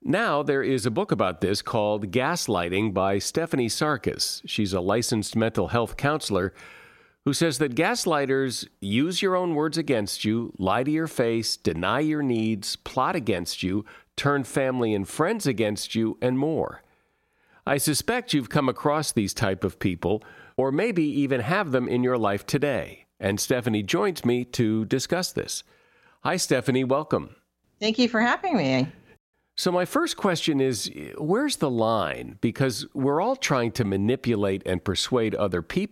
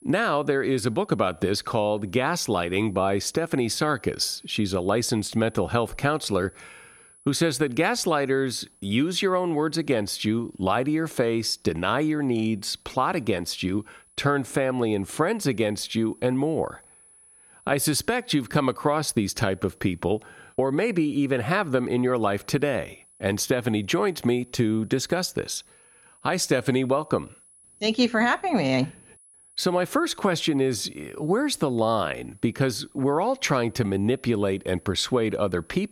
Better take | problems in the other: first | high-pitched whine; faint; throughout; 10 kHz, 30 dB below the speech

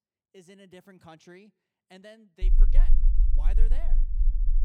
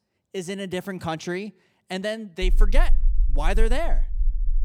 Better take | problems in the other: second | low rumble; loud; from 2.5 s on; 4 dB below the speech; faint in the second

